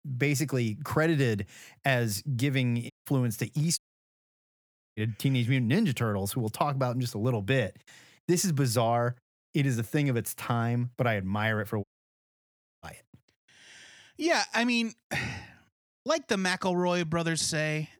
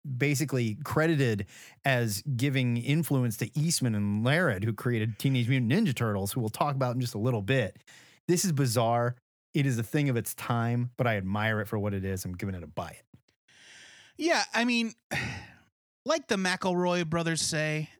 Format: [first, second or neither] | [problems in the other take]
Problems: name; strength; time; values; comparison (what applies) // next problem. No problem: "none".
second | audio cutting out; at 3 s, at 4 s for 1 s and at 12 s for 1 s